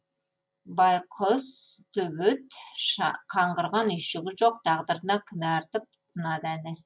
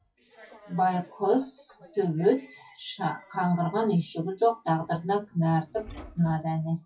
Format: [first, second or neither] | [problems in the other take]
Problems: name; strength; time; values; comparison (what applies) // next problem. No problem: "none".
first | noise reduction (classical method WPE with log-MMSE)